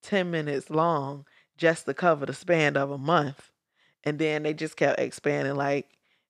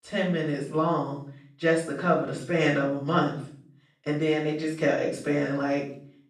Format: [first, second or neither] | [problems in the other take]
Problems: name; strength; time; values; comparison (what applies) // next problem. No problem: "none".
first | off-mic speech; far // room echo; noticeable; dies away in 0.5 s